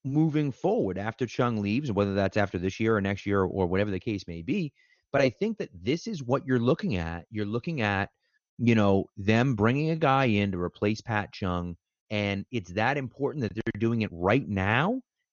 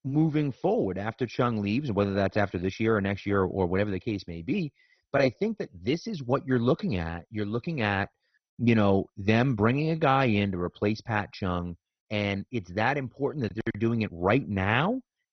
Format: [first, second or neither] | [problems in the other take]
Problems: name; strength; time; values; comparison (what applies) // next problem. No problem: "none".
first | garbled, watery; badly; nothing above 6 kHz; slightly in the first